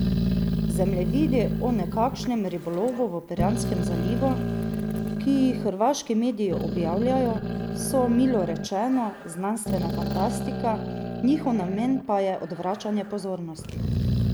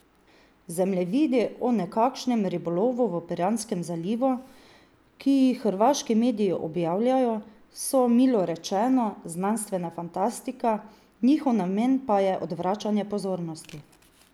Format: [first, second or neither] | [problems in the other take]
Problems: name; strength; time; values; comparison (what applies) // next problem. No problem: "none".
second | background sound (Growling); 2 dB below the speech